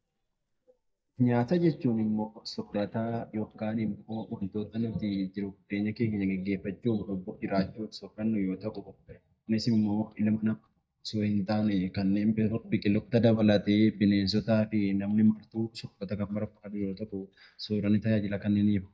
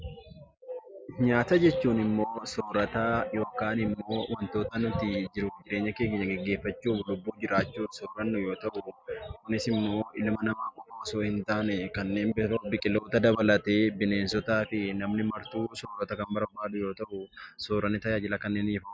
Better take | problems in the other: second | noise reduction (neural mask model DeepFilterNet 3)

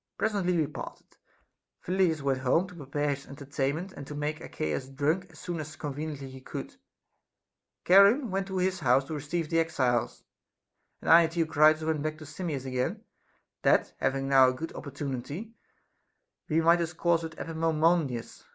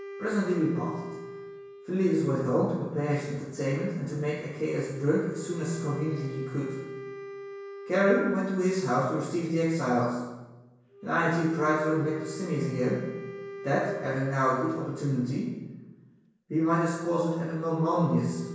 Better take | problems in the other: first | background sound (Wind instrument, woodwind instrument); 15 dB below the speech // room echo; dies away in 1 s

